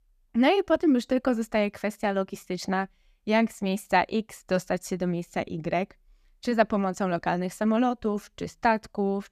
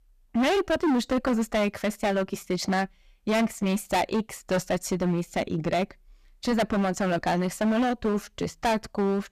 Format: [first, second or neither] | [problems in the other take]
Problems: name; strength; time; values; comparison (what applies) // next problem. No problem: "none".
first | distortion; heavy; 16% of the sound clipped